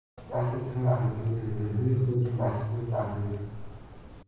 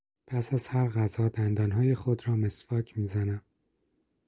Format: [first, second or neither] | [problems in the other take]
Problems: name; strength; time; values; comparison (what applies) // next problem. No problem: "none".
second | background sound (Dog); 8 dB below the speech // room echo; dies away in 1.3 s